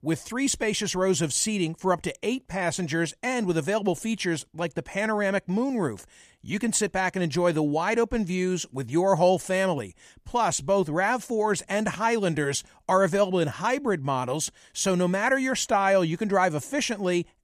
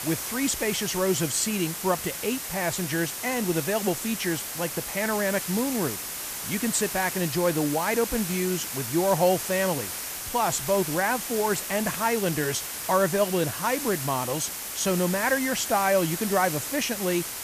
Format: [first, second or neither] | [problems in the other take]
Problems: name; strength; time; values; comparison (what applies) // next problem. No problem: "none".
first | hiss; loud; throughout; 5 dB below the speech